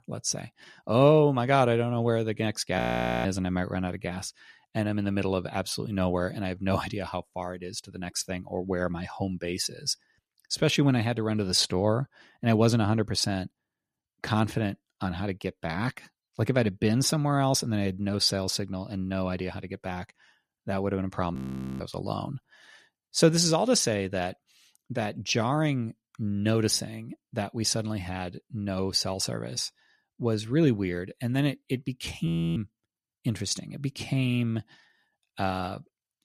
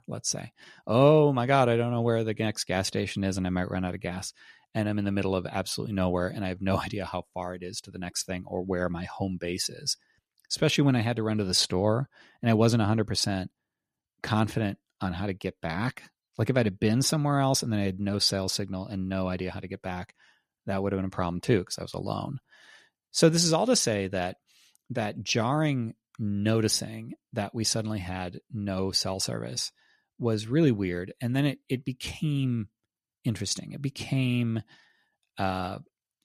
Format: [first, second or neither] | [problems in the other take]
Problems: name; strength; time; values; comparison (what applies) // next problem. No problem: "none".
second | audio freezing; at 3 s, at 21 s and at 32 s